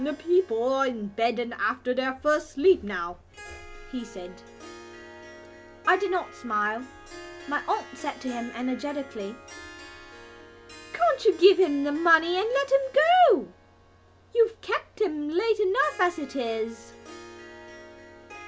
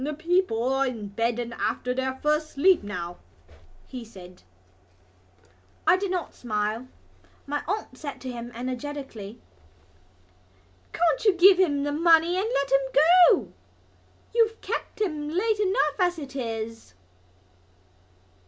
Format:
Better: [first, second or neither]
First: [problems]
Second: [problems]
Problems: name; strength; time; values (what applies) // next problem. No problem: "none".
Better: second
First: background sound (Harp); 20 dB below the speech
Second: none